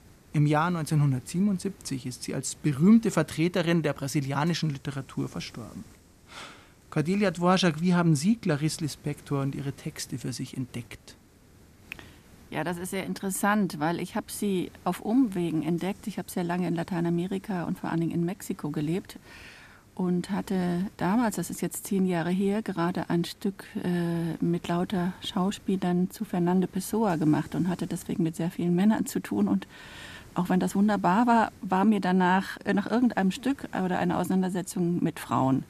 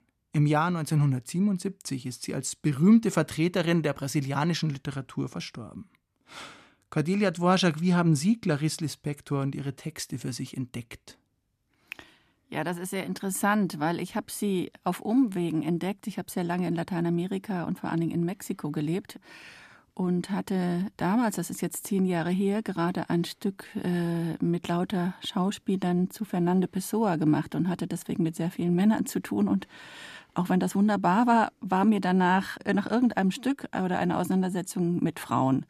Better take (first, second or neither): second